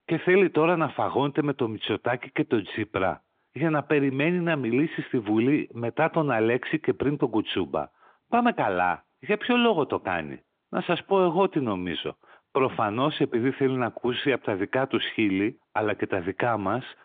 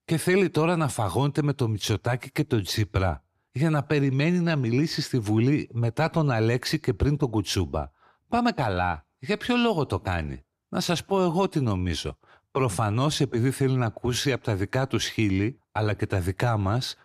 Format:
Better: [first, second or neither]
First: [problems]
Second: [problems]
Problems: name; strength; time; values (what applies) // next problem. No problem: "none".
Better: second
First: phone-call audio; nothing above 3.5 kHz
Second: none